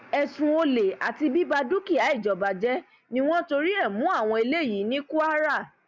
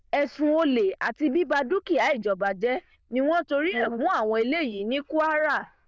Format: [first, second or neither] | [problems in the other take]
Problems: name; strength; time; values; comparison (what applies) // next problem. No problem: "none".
first | noise reduction (neural diffusion model UNIVERSE++)